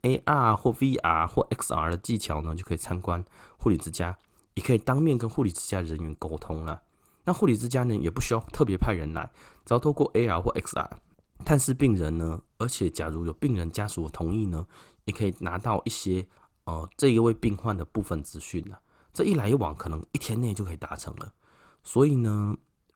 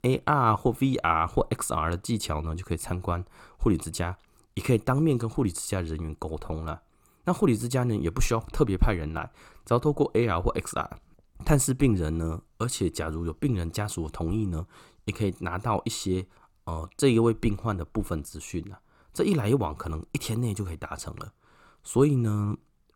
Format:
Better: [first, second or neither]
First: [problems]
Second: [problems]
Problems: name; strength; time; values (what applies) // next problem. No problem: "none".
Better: second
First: garbled, watery; slightly; nothing above 18 kHz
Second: none